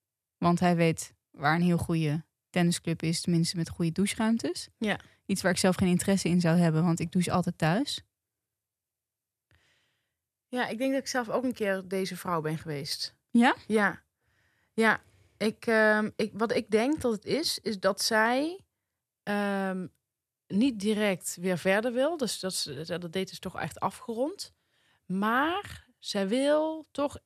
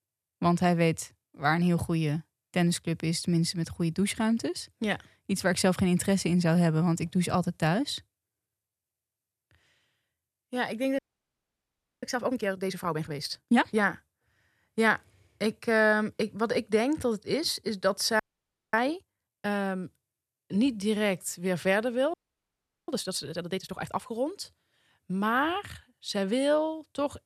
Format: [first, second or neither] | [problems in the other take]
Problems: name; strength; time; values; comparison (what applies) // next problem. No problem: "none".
first | audio freezing; at 11 s for 1 s, at 18 s for 0.5 s and at 22 s for 0.5 s